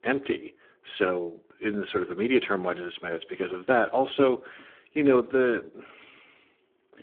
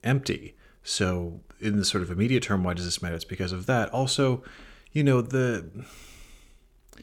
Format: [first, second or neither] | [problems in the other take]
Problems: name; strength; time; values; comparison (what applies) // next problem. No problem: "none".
second | phone-call audio; poor line